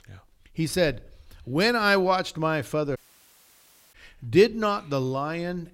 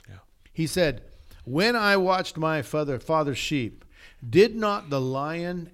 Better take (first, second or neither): second